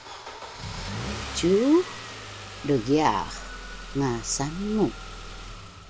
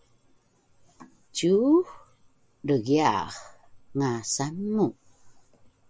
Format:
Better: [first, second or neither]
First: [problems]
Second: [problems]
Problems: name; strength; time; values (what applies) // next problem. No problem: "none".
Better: second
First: background sound (Engine starting / Car); 10 dB below the speech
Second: none